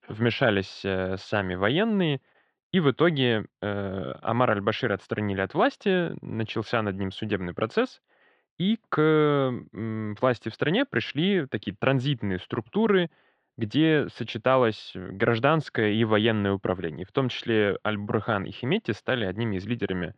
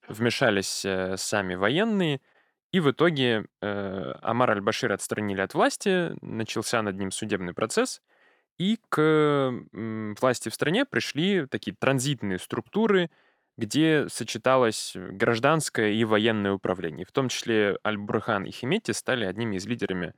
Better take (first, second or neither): second